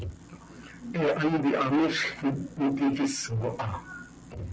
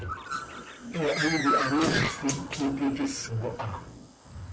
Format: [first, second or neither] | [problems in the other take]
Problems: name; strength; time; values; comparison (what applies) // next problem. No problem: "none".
first | noise reduction (neural mask model Resemble Enhance denoiser)